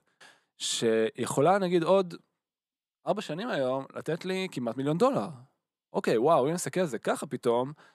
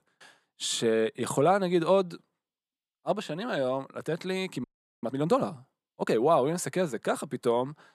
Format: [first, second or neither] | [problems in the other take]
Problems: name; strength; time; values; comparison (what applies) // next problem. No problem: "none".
first | audio freezing; at 4.5 s